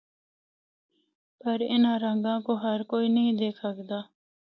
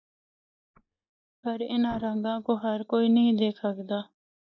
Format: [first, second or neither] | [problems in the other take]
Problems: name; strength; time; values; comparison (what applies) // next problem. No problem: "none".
first | noise reduction (neural mask model DeepFilterNet 3)